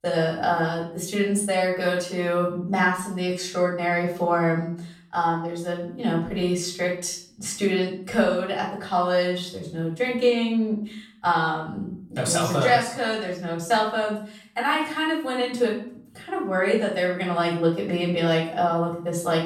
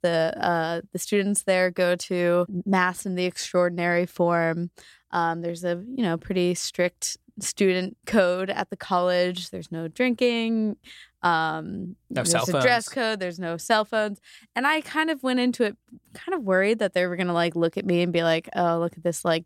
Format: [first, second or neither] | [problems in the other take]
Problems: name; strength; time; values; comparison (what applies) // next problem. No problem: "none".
second | room echo; noticeable; dies away in 0.5 s // off-mic speech; far